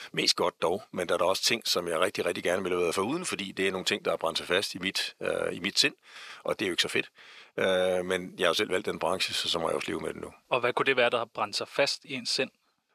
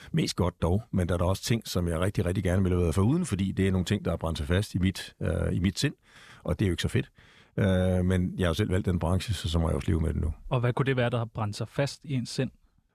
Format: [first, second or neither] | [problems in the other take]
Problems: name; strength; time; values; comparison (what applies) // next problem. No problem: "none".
second | thin; very; fading below 500 Hz